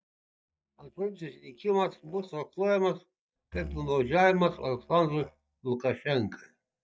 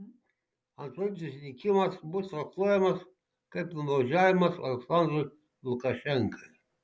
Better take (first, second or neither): second